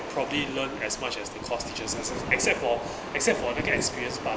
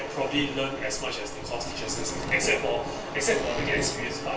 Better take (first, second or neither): first